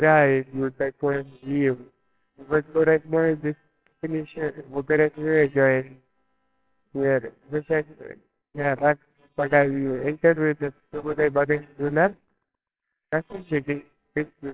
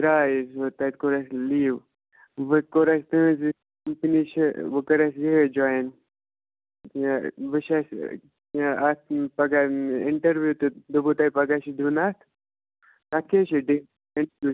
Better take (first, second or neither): second